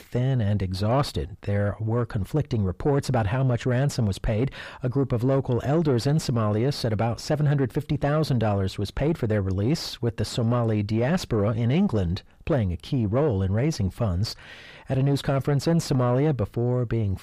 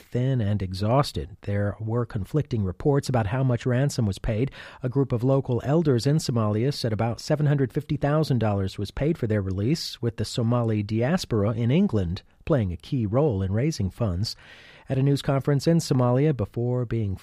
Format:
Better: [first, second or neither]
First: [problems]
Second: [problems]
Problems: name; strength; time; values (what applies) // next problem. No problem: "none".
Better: second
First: distortion; slight; 10 dB below the speech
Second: none